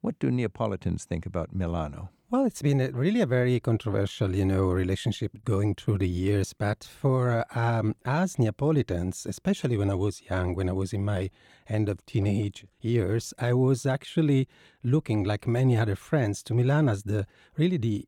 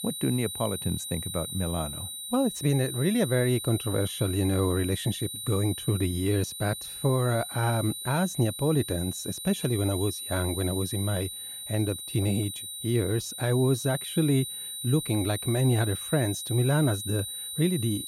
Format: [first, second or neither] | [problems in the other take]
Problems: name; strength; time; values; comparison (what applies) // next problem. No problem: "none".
first | high-pitched whine; loud; throughout; 9 kHz, 6 dB below the speech